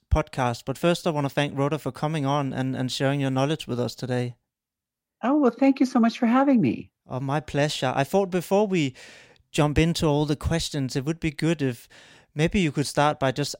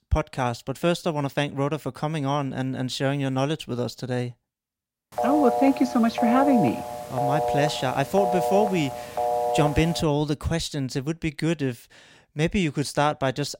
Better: first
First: none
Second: phone ringing; loud; from 5 to 10 s; peak 1 dB above the speech

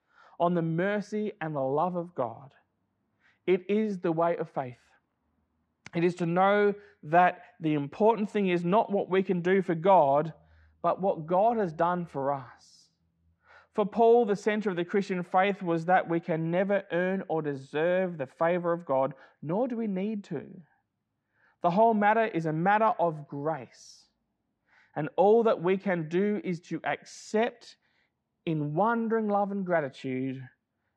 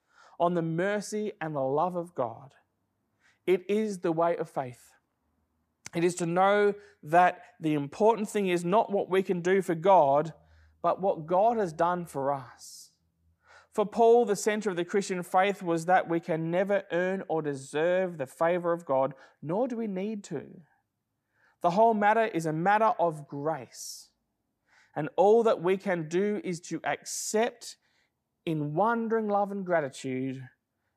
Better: second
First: muffled; slightly; fading above 3 kHz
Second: none

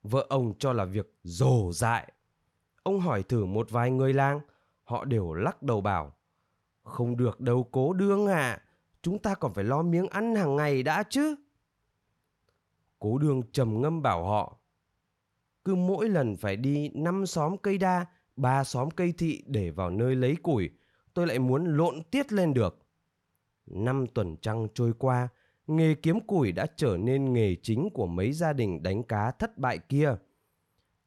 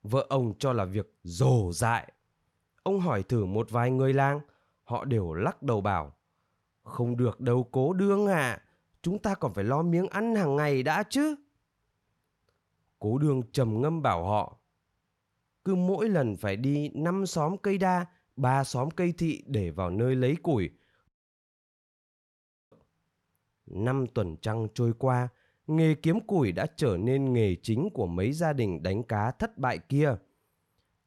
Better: first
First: none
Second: audio cutting out; at 21 s for 1.5 s

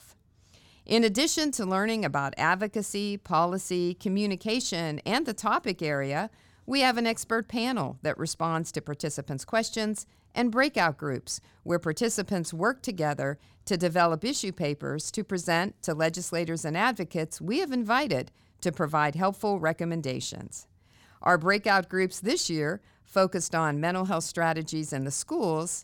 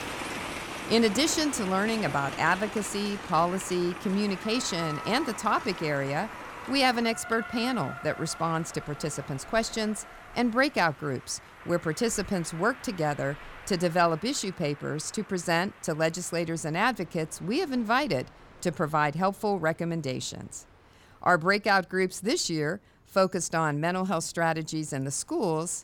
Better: first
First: none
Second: train or aircraft noise; noticeable; throughout; 10 dB below the speech

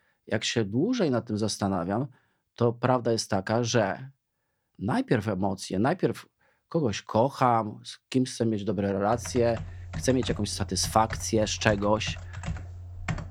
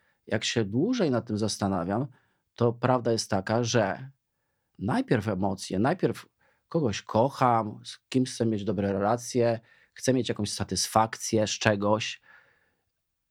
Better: second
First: keyboard typing; noticeable; from 9 s on; peak 8 dB below the speech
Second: none

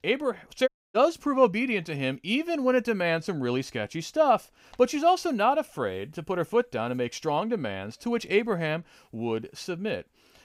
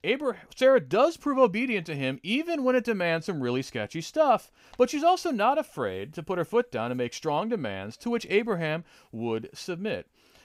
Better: second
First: audio cutting out; at 0.5 s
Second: none

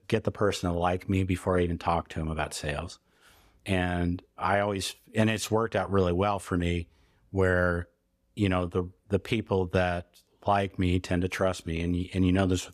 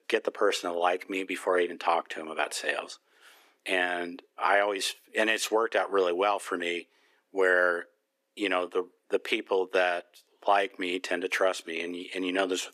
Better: first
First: none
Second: thin; somewhat; fading below 300 Hz

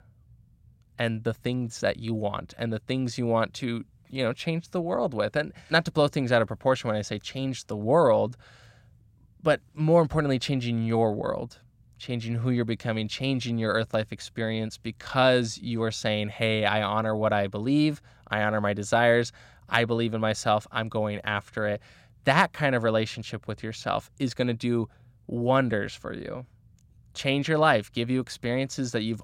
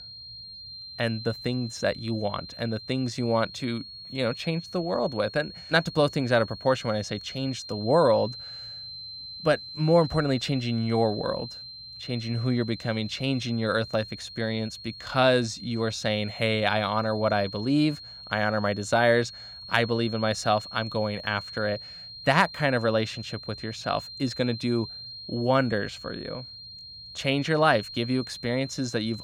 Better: first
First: none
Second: high-pitched whine; noticeable; throughout; 4 kHz, 10 dB below the speech

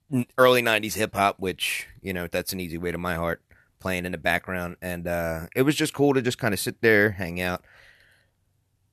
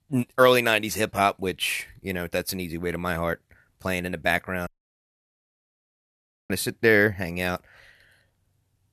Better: first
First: none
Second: audio cutting out; at 4.5 s for 2 s

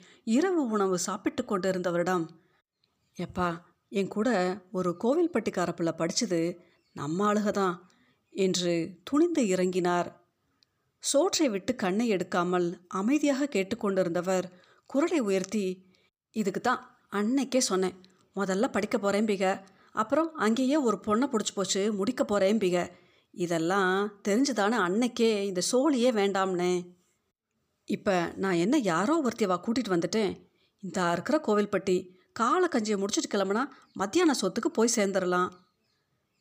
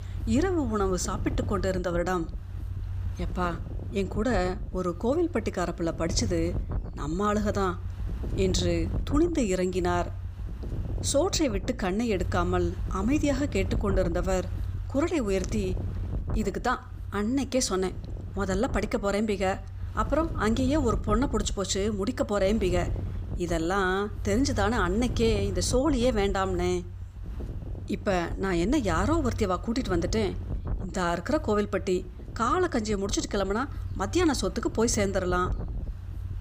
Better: first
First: none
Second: wind noise on the microphone; occasional gusts; 20 dB below the speech

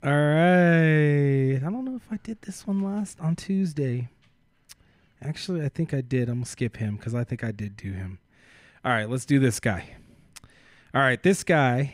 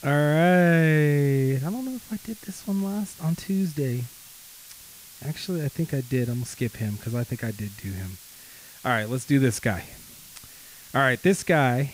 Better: first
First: none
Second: hiss; noticeable; throughout; 20 dB below the speech

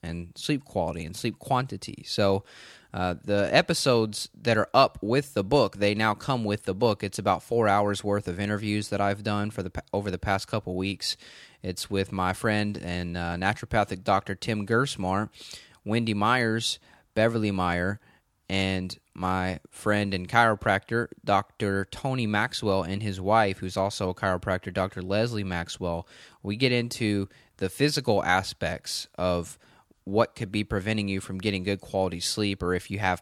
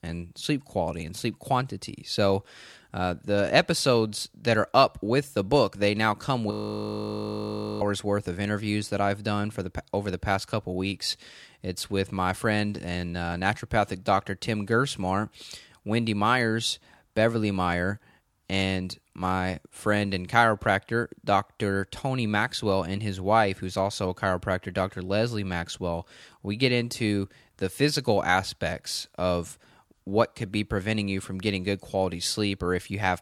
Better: first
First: none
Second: audio freezing; at 6.5 s for 1.5 s

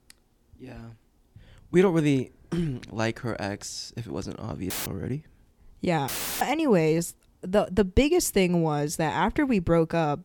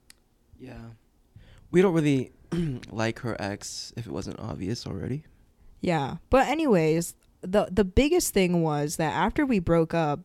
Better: second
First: audio cutting out; filled with static; at 4.5 s and at 6 s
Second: none

